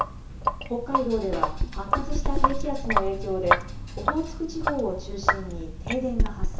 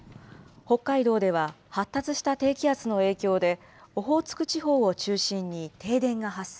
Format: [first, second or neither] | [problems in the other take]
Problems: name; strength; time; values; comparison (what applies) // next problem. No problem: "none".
second | background sound (Sink (filling or washing)); 5 dB above the speech // room echo; dies away in 0.7 s